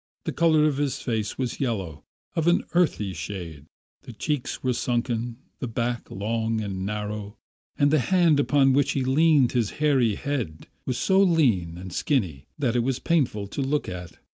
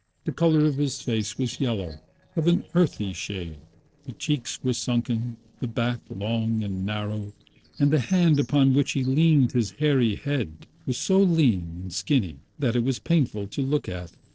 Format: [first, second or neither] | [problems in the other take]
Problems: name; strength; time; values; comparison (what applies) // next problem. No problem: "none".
first | noise reduction (neural separator model SepFormer DNS4)